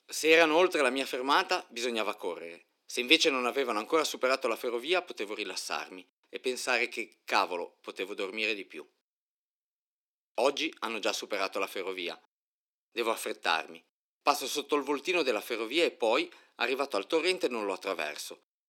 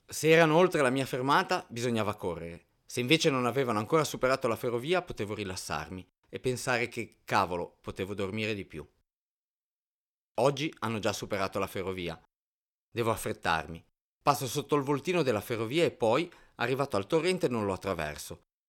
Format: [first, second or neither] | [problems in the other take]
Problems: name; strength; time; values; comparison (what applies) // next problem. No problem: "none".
second | thin; very slightly; fading below 250 Hz